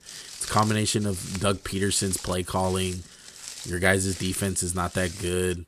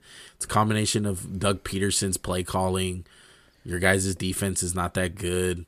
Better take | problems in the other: second | footsteps; noticeable; peak 8 dB below the speech

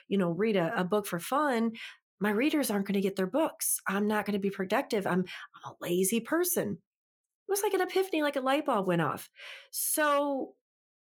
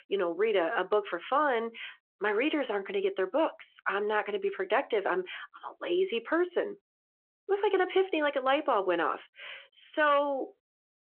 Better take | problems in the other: first | phone-call audio

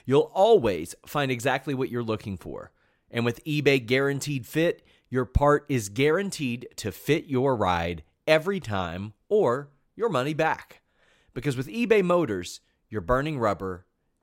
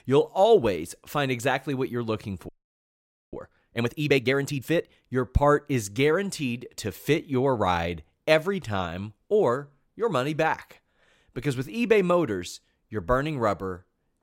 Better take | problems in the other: first | audio freezing; at 2.5 s for 1 s

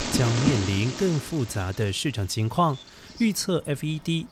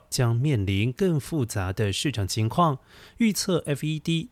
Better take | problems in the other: second | animal sounds; loud; throughout; 4 dB below the speech

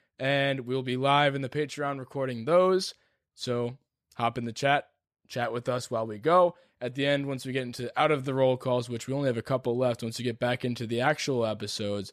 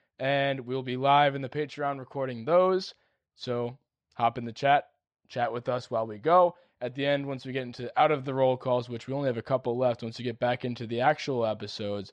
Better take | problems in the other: first | muffled; very slightly; fading above 5 kHz

